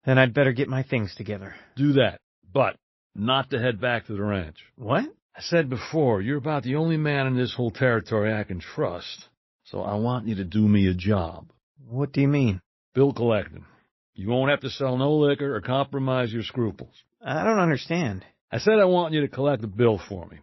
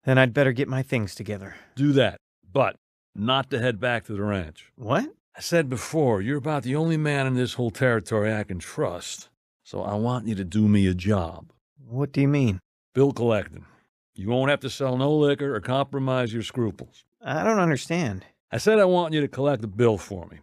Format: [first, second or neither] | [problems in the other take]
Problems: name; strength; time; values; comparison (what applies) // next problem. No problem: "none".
second | garbled, watery; slightly; nothing above 5.5 kHz